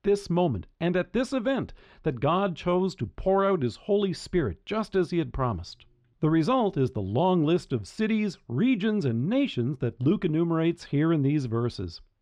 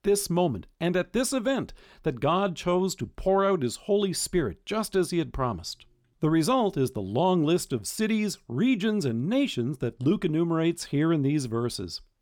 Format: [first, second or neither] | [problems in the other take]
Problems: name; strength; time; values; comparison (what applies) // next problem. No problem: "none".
second | muffled; slightly; fading above 3.5 kHz